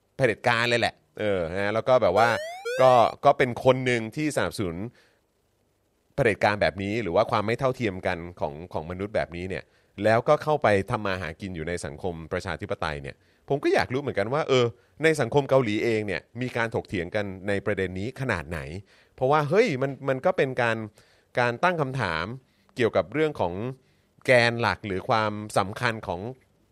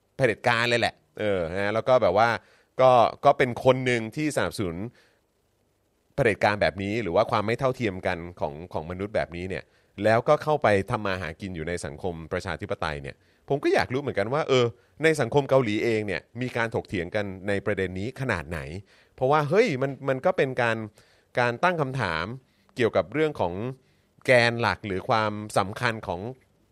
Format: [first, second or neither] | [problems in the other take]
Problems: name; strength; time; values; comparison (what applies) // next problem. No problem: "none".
second | siren; noticeable; at 2 s; peak 6 dB below the speech